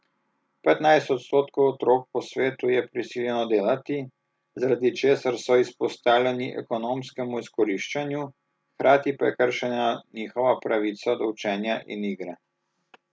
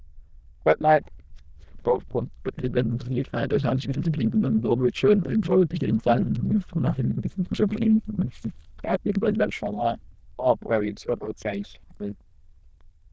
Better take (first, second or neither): first